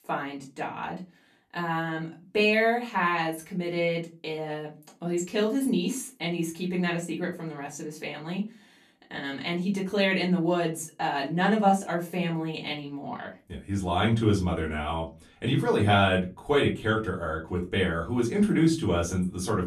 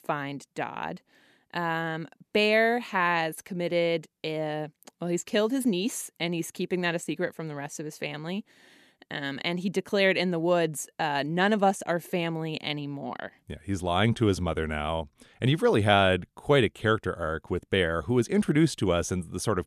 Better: second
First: off-mic speech; far // room echo; very slight; dies away in 0.2 s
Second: none

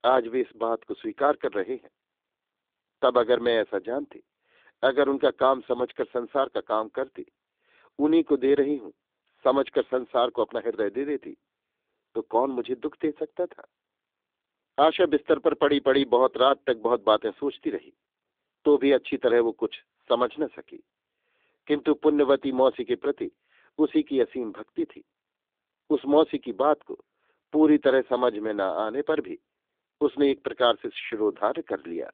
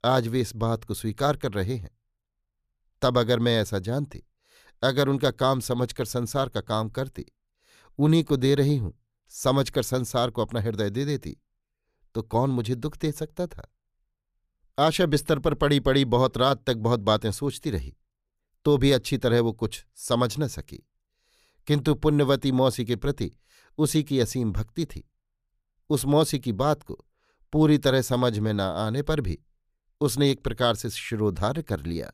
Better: second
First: phone-call audio; nothing above 3.5 kHz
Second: none

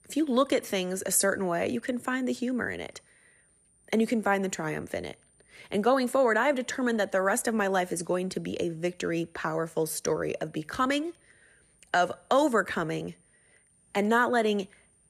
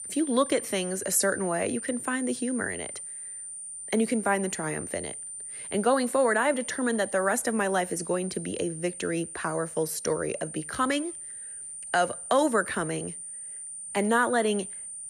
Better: first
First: high-pitched whine; faint; throughout; 9 kHz, 35 dB below the speech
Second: high-pitched whine; loud; throughout; 9 kHz, 9 dB below the speech

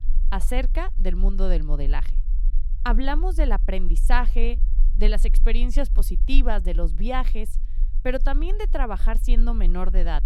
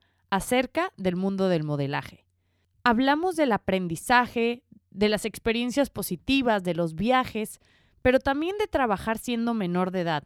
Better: second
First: low rumble; faint; throughout; 20 dB below the speech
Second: none

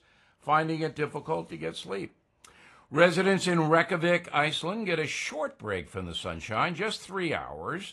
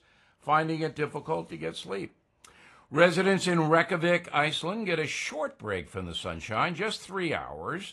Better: neither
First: garbled, watery; slightly; nothing above 11 kHz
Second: garbled, watery; slightly; nothing above 11 kHz

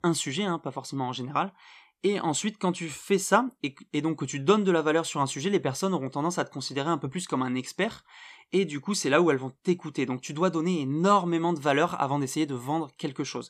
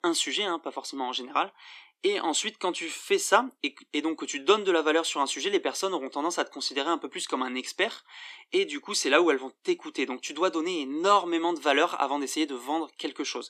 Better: first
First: none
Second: thin; somewhat; fading below 300 Hz

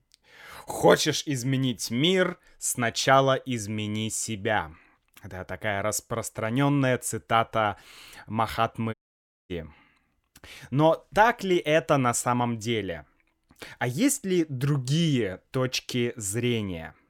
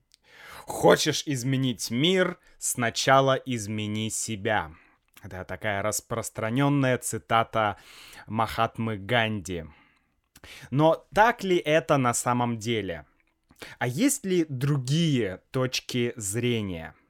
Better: second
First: audio cutting out; at 9 s for 0.5 s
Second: none

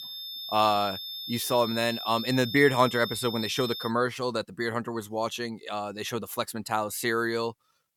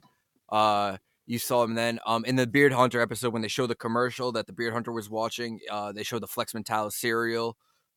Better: second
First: high-pitched whine; loud; until 4 s; 3.5 kHz, 7 dB below the speech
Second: none

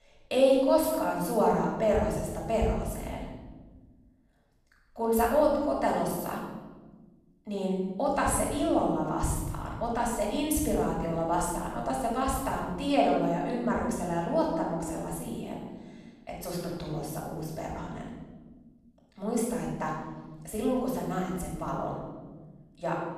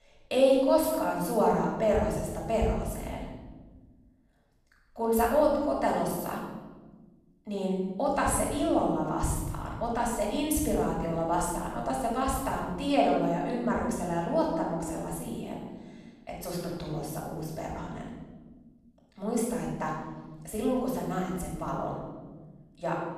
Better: neither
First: room echo; noticeable; dies away in 1.6 s // off-mic speech; far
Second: room echo; noticeable; dies away in 1.6 s // off-mic speech; far

